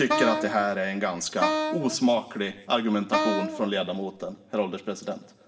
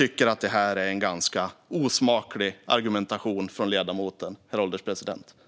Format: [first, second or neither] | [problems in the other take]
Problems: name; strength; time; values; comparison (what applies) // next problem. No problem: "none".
second | background sound (Wind instrument, woodwind instrument); 2 dB below the speech // room echo; dies away in 1.5 s